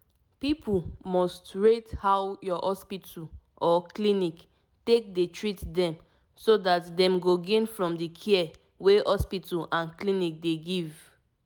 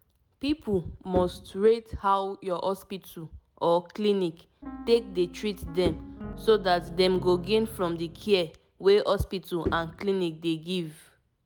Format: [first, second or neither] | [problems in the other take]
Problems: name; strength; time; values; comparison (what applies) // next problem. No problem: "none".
first | background sound (Bowed string instrument + Piano); 12 dB below the speech